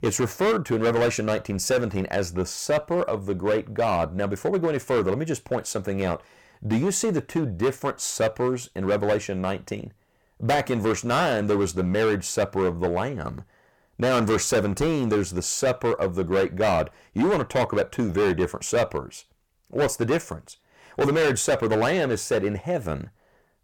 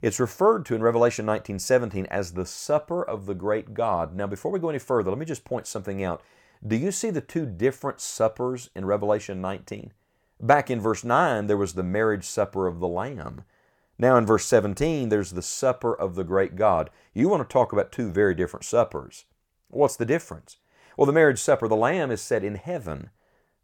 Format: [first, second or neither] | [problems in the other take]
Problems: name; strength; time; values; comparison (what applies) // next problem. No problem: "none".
second | distortion; heavy; 11% of the sound clipped